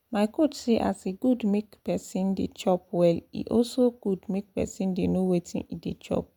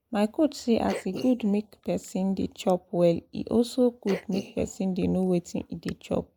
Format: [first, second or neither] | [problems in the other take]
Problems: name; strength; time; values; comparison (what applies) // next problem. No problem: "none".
first | noise reduction (neural mask model Resemble Enhance denoiser)